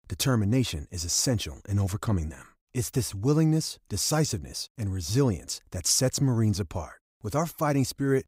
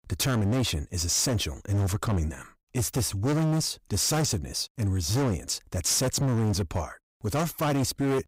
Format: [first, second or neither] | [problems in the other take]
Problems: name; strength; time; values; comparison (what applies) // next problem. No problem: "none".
first | distortion; heavy; 21% of the sound clipped